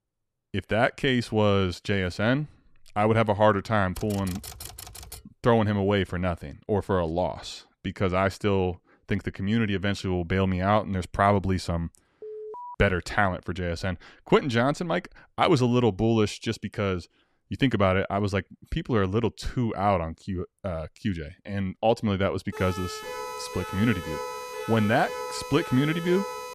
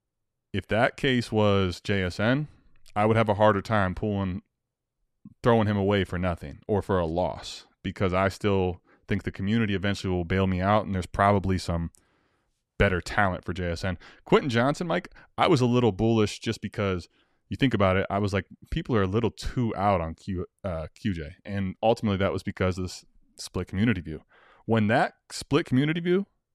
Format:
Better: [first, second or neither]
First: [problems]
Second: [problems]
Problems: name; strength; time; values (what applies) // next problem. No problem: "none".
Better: second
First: keyboard typing; faint; from 4 to 5 s; peak 15 dB below the speech // alarm; faint; at 12 s; peak 15 dB below the speech // siren; noticeable; from 23 s on; peak 8 dB below the speech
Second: none